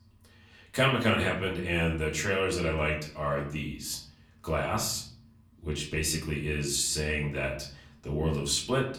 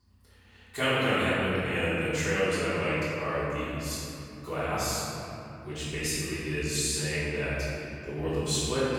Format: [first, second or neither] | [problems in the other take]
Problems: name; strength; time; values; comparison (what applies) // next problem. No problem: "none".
first | room echo; strong; dies away in 3 s; slight in the first // off-mic speech; far; far in the first